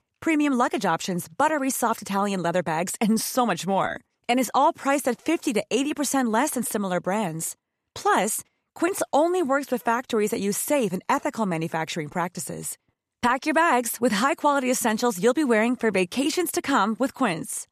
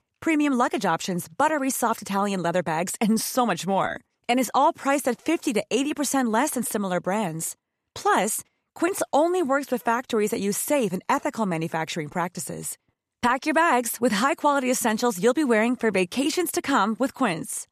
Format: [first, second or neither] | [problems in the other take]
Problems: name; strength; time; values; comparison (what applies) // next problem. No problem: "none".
neither | none